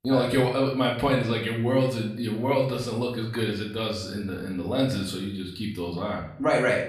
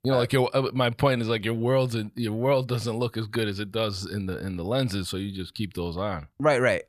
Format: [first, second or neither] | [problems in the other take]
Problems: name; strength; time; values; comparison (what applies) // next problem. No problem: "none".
second | room echo; slight; dies away in 0.5 s // off-mic speech; far